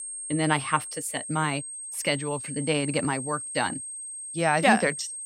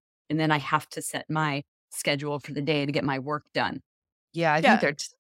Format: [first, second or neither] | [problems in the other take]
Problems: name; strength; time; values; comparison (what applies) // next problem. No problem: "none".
second | high-pitched whine; loud; throughout; 8.5 kHz, 7 dB below the speech